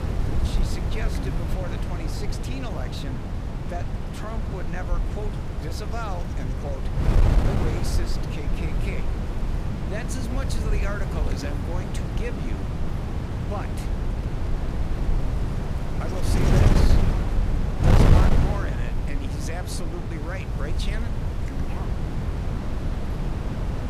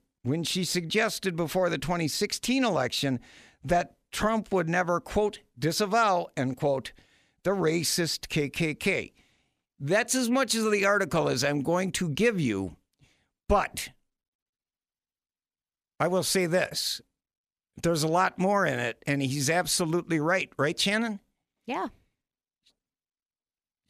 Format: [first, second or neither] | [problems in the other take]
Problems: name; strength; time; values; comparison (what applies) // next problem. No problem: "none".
second | wind noise on the microphone; heavy; 2 dB above the speech